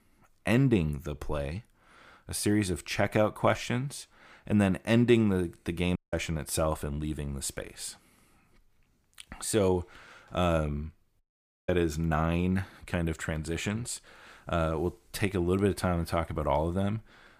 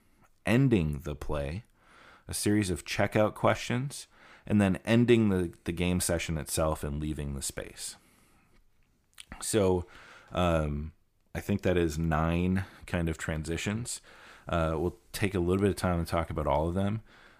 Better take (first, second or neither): second